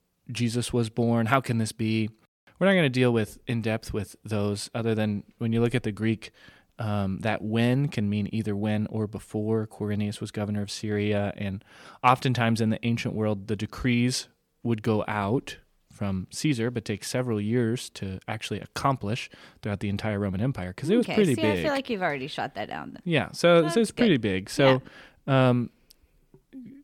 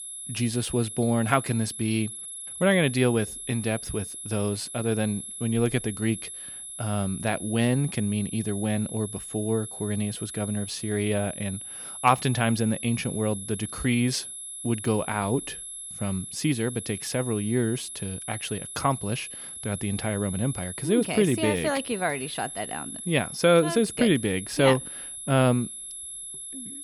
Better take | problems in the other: first | high-pitched whine; loud; throughout; 11 kHz, 9 dB below the speech

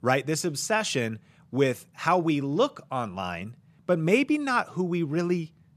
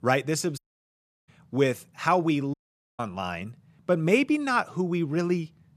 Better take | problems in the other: first | audio cutting out; at 0.5 s for 0.5 s and at 2.5 s

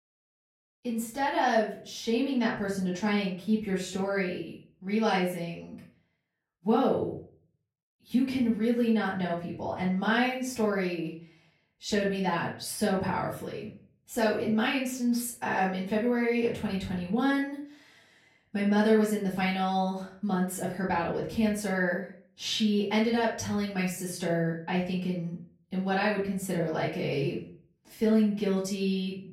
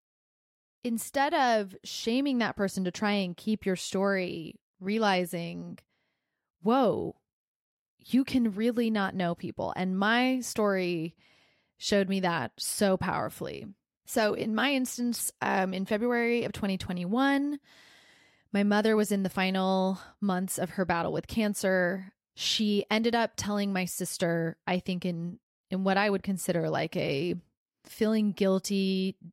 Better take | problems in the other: second | off-mic speech; far // room echo; slight; dies away in 0.4 s

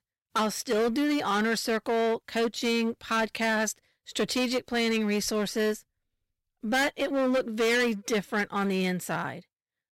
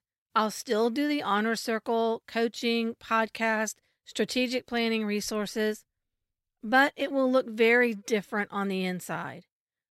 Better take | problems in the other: second | distortion; heavy; 14% of the sound clipped

